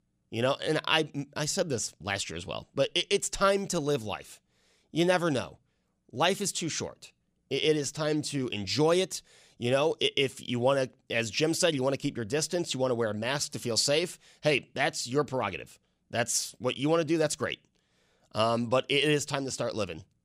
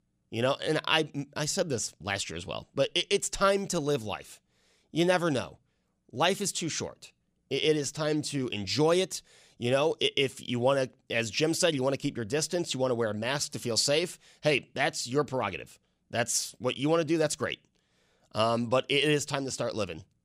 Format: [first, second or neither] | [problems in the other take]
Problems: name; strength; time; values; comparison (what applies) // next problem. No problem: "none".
neither | none